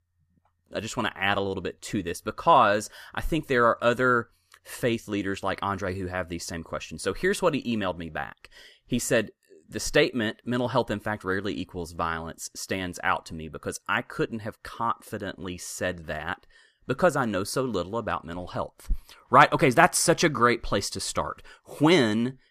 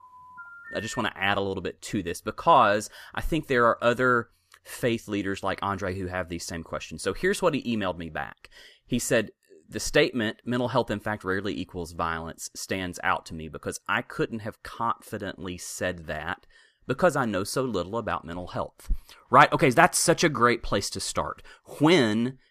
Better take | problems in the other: first | phone ringing; faint; until 1 s; peak 15 dB below the speech

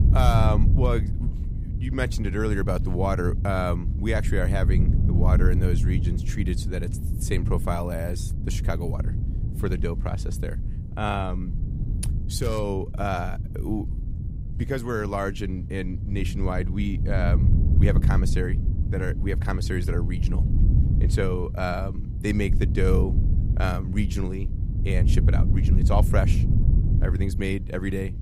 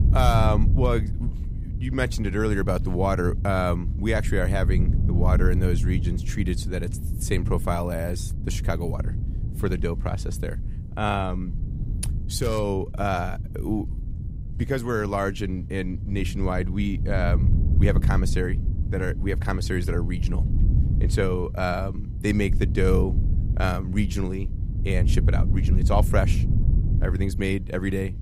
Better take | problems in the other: second | wind noise on the microphone; heavy; 9 dB below the speech; occasional gusts in the second

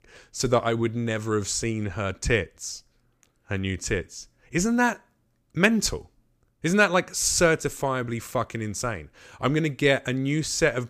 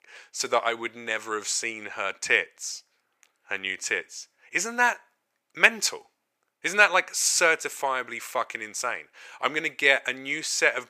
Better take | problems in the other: first | thin; very; fading below 600 Hz

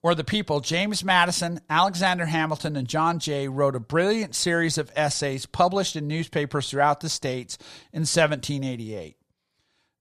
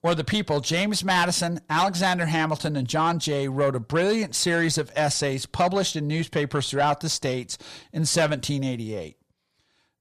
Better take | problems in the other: first | distortion; slight; 10 dB below the speech

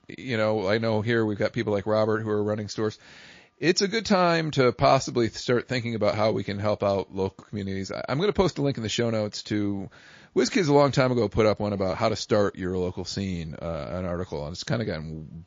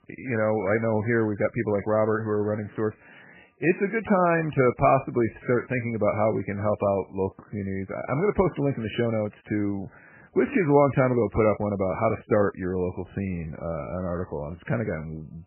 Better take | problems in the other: first | garbled, watery; badly; nothing above 2.5 kHz; slightly in the first

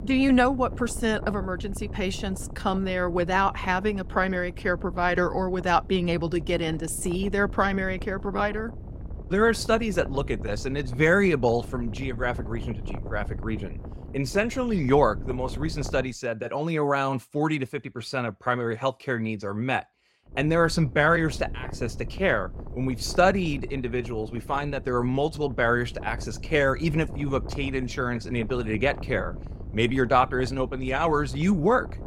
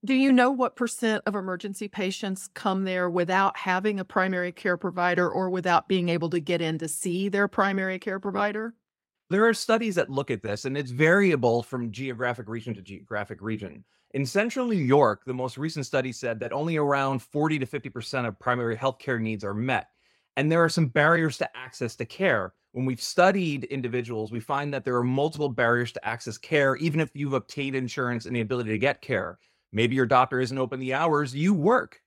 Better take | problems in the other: second | wind noise on the microphone; occasional gusts; until 16 s and from 20 s on; 20 dB below the speech

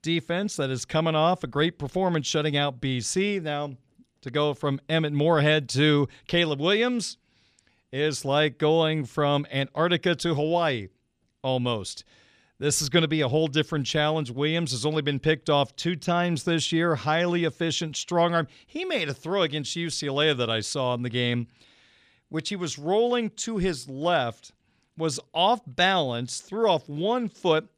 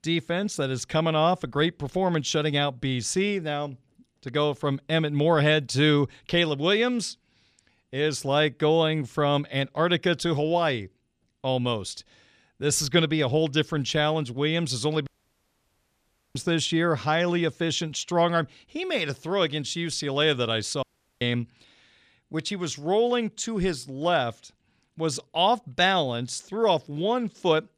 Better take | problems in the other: first | audio cutting out; at 15 s for 1.5 s and at 21 s

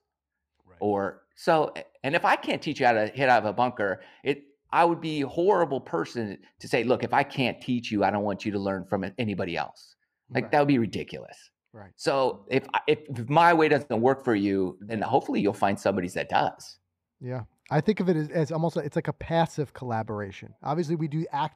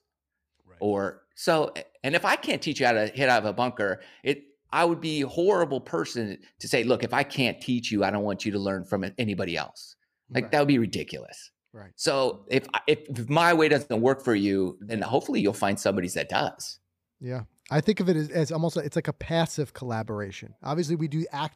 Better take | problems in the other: second | muffled; slightly; fading above 3.5 kHz

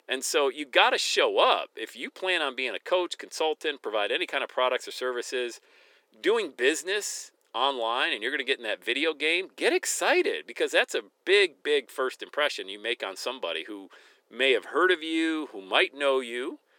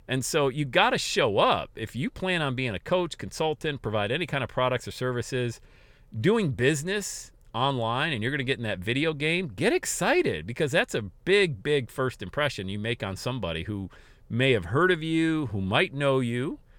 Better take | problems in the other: second | thin; very; fading below 300 Hz

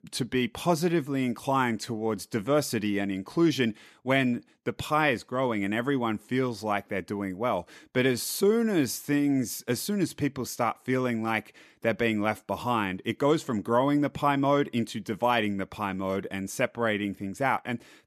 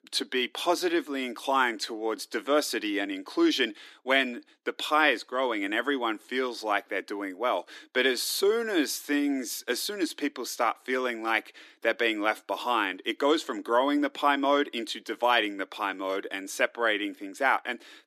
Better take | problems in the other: first | thin; very slightly; fading below 300 Hz

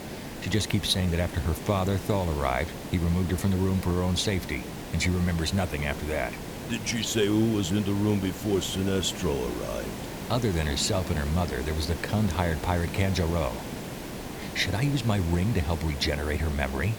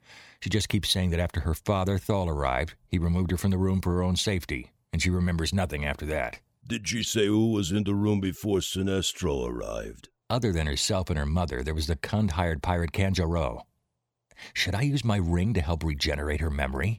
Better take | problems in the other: second | hiss; loud; throughout; 9 dB below the speech

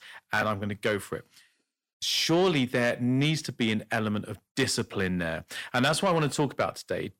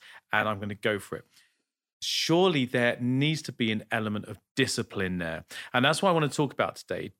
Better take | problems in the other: second | distortion; slight; 10 dB below the speech

